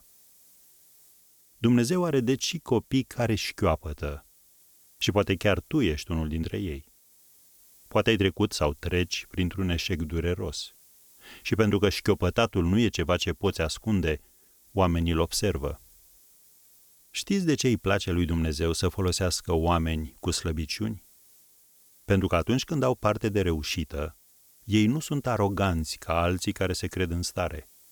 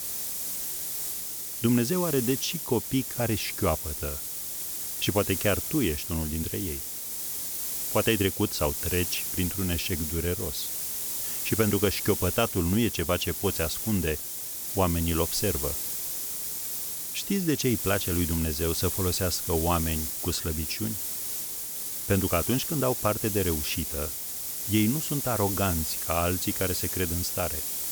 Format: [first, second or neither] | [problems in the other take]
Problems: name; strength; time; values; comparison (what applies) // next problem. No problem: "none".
first | hiss; loud; throughout; 1 dB below the speech; faint in the first